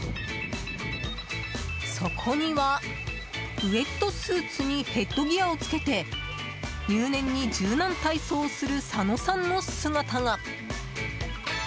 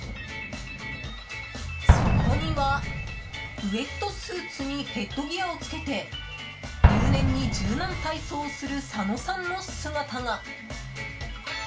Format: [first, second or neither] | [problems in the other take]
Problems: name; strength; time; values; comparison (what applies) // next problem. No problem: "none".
first | background sound (Explosion); 2 dB above the speech // room echo; dies away in 0.2 s